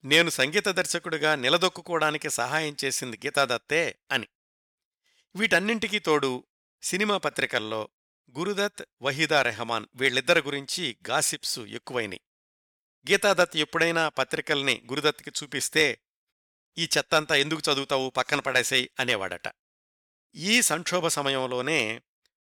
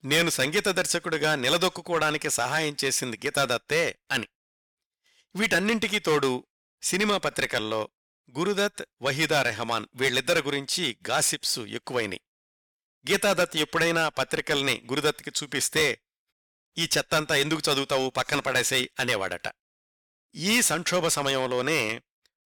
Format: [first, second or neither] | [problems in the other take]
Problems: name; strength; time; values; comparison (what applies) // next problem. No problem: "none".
first | distortion; heavy; 6% of the sound clipped